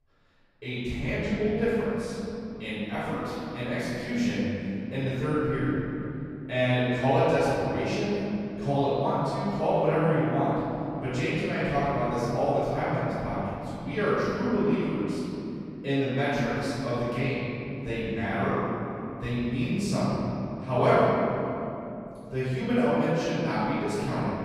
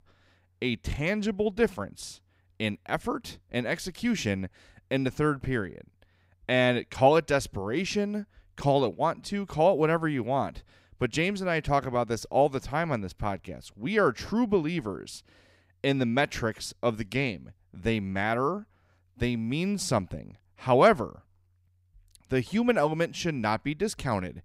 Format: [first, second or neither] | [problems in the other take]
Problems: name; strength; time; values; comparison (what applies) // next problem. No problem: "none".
second | off-mic speech; far // room echo; strong; dies away in 3 s